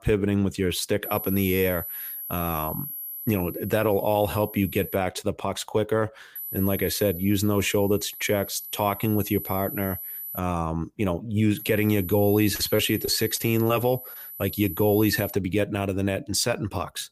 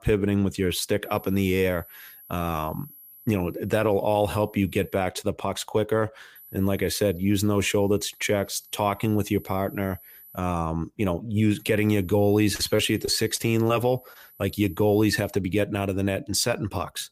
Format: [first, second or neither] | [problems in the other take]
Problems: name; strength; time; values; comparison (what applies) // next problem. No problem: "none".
second | high-pitched whine; loud; from 1 to 5 s, from 6.5 to 10 s and from 12 to 15 s; 12 kHz, 9 dB below the speech; faint in the second